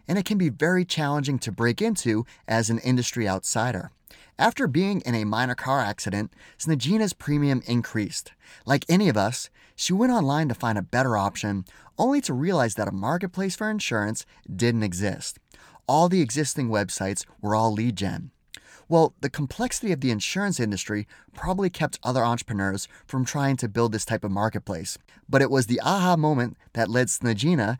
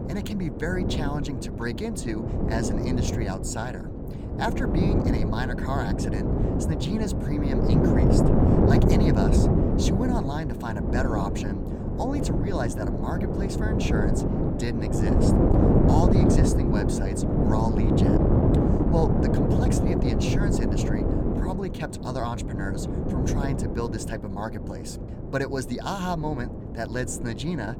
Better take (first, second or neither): first